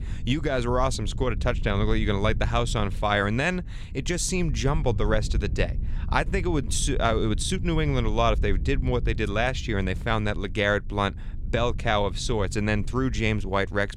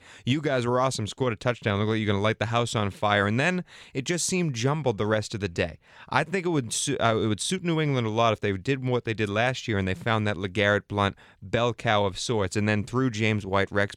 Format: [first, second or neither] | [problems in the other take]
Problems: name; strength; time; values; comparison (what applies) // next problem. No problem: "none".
second | low rumble; faint; throughout; 20 dB below the speech